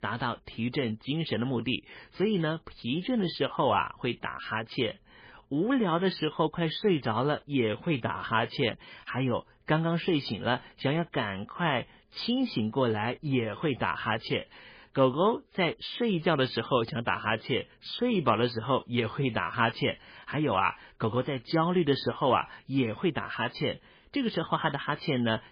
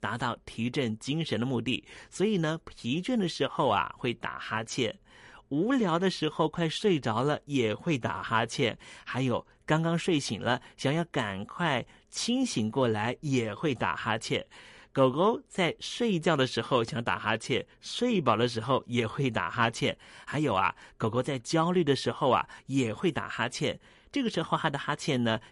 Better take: second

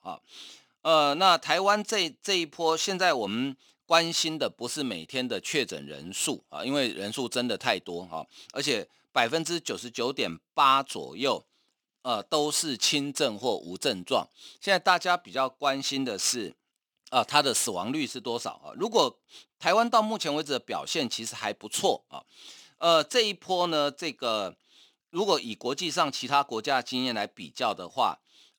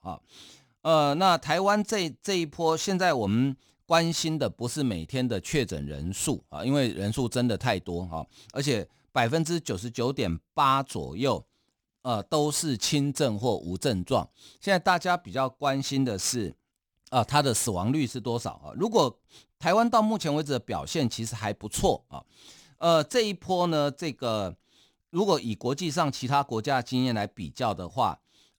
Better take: second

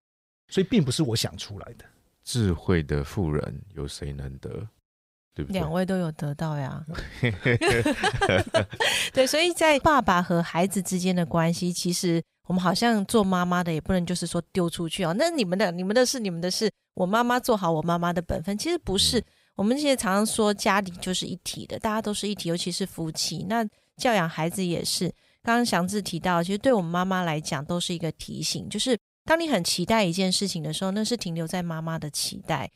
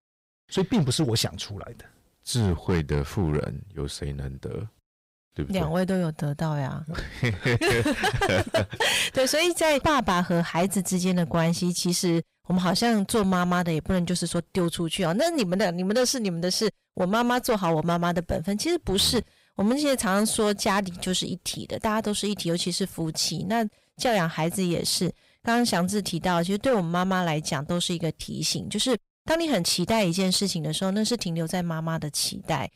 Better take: first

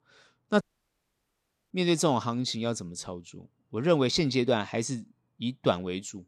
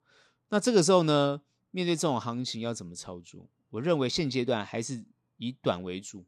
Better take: second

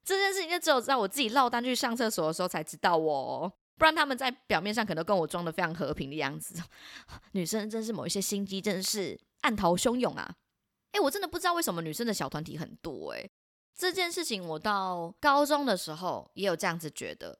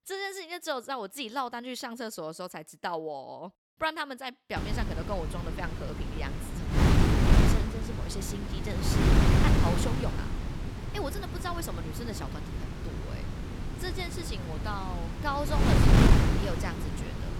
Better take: first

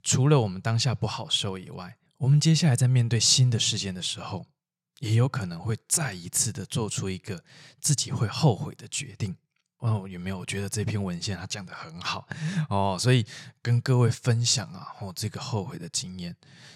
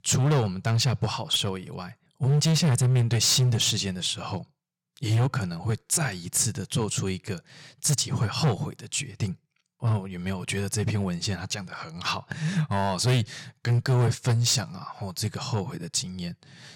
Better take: first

